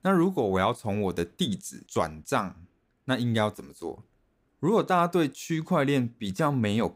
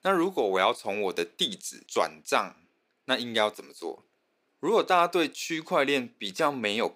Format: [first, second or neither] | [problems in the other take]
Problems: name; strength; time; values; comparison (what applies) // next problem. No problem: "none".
first | thin; somewhat; fading below 400 Hz